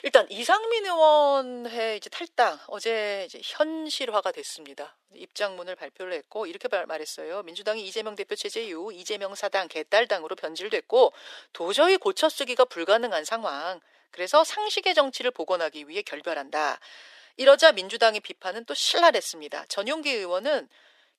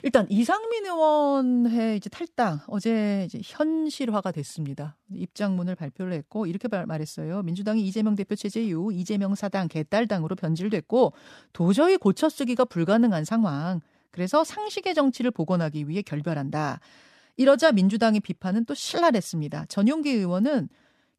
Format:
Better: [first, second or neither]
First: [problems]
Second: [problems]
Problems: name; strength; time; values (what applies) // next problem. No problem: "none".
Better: second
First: thin; very; fading below 400 Hz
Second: none